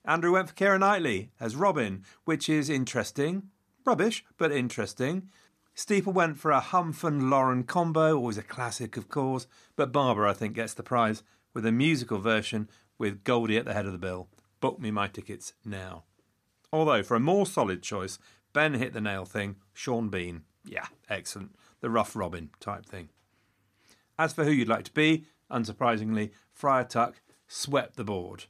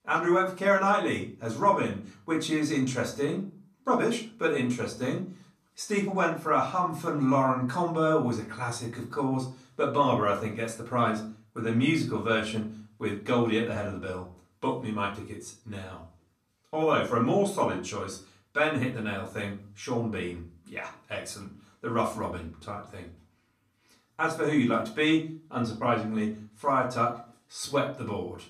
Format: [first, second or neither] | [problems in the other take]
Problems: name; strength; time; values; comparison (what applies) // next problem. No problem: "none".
first | off-mic speech; far // room echo; slight; dies away in 0.4 s